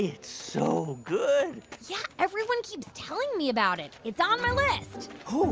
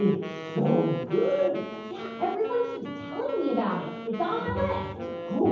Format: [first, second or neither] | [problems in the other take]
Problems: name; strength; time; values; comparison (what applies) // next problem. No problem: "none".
first | background sound (Wind instrument, woodwind instrument); 10 dB below the speech // room echo; dies away in 0.9 s